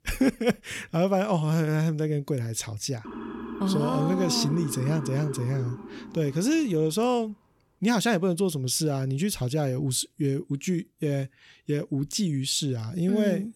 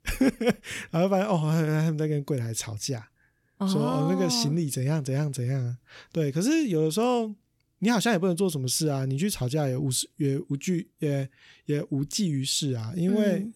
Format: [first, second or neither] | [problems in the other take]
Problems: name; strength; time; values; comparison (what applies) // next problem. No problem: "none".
second | siren; noticeable; from 3 to 7 s; peak 8 dB below the speech